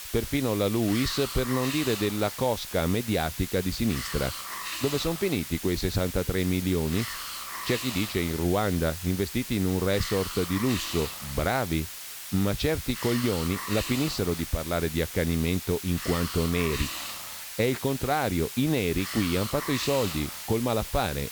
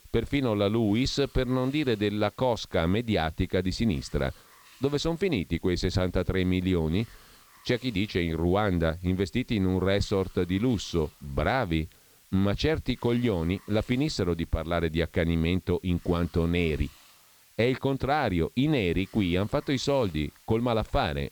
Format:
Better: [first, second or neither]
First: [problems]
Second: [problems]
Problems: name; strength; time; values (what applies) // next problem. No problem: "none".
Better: second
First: hiss; loud; throughout; 7 dB below the speech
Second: hiss; faint; throughout; 25 dB below the speech